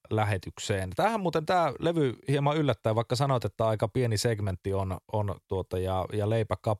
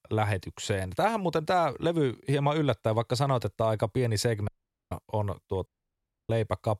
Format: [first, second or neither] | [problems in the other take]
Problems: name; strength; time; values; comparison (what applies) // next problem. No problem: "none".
first | audio cutting out; at 4.5 s and at 5.5 s for 0.5 s